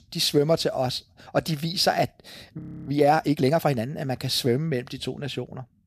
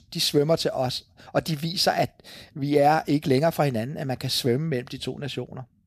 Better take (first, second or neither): second